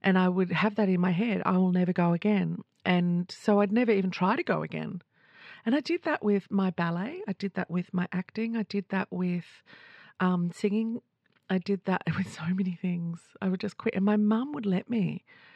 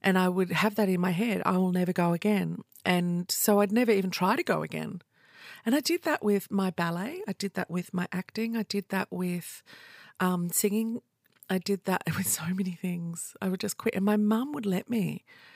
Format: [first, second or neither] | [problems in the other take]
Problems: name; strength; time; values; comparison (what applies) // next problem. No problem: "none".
second | muffled; slightly; fading above 3.5 kHz